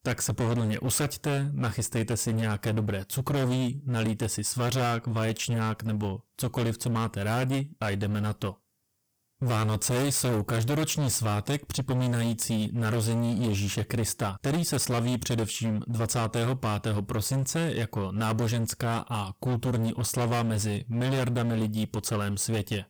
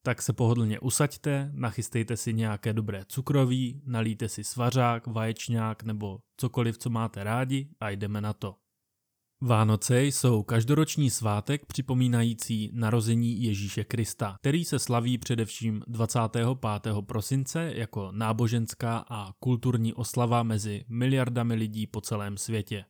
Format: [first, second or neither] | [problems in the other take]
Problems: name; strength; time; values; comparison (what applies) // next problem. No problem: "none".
second | distortion; heavy; 29% of the sound clipped